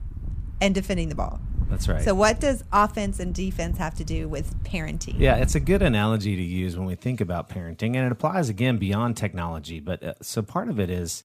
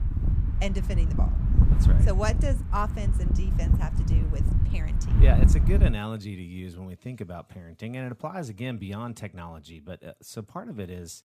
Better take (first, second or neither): first